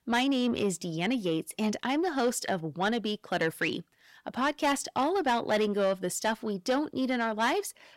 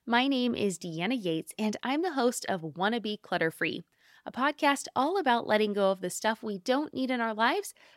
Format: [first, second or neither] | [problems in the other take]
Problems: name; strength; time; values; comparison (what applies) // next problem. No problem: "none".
second | distortion; slight; 10 dB below the speech